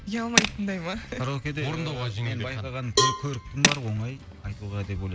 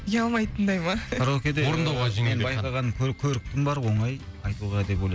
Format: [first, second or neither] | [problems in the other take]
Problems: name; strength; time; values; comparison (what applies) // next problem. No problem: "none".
second | background sound (Tools + Cowbell); 2 dB above the speech